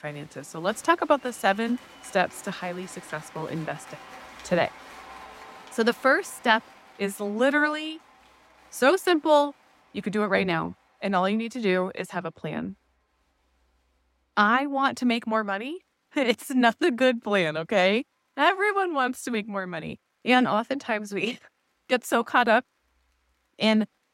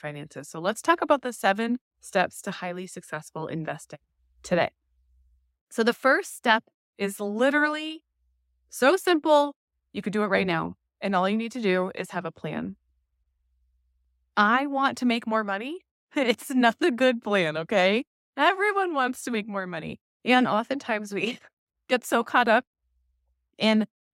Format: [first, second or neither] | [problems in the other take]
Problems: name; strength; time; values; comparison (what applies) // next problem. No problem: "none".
second | crowd noise; faint; throughout; 20 dB below the speech